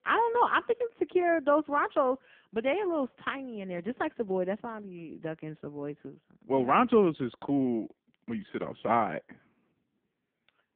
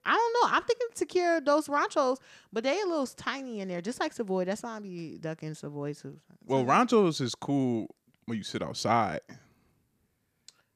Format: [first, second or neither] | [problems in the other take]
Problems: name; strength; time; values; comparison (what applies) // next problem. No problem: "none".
second | phone-call audio; poor line